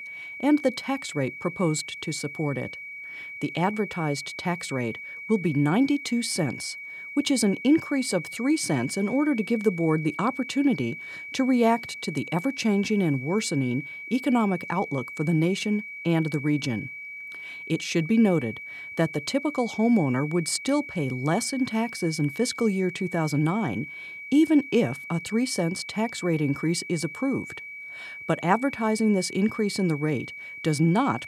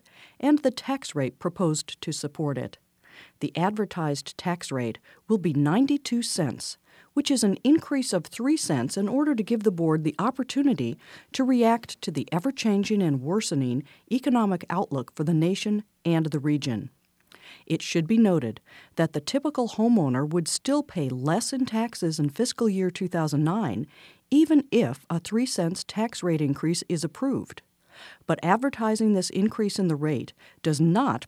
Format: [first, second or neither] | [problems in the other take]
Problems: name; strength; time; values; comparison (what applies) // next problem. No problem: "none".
second | high-pitched whine; noticeable; throughout; 2.5 kHz, 10 dB below the speech